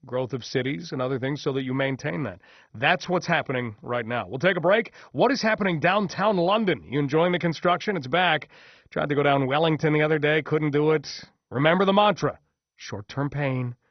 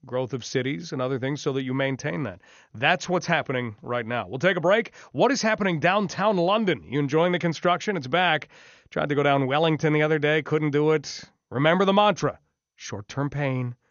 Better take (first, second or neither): second